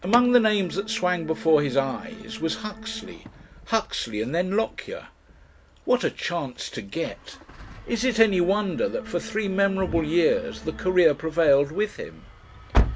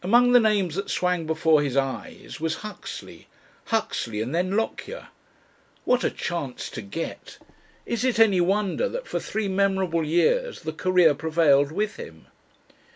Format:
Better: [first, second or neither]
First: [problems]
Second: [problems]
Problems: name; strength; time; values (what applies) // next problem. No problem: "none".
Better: second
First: background sound (Organ + Engine starting); 10 dB below the speech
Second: none